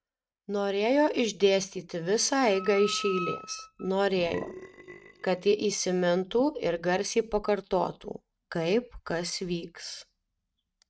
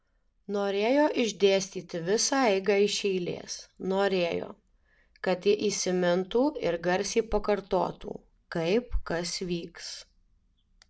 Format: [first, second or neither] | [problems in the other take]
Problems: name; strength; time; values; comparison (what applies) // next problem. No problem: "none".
second | noise reduction (neural mask model RNNoise)